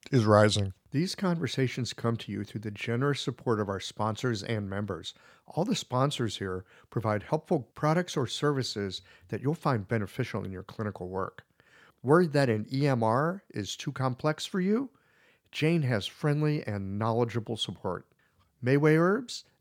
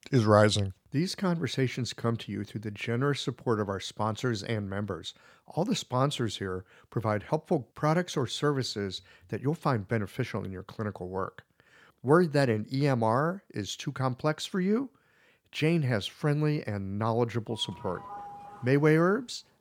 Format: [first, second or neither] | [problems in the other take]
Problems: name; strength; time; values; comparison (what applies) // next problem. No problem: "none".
first | doorbell; faint; from 18 to 19 s; peak 15 dB below the speech